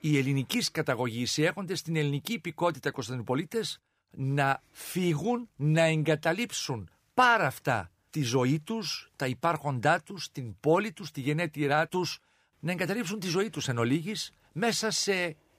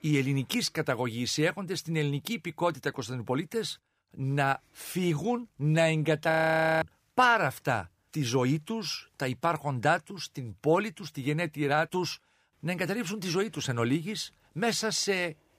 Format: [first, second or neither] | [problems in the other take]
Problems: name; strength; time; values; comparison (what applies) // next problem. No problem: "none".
first | audio freezing; at 6.5 s for 0.5 s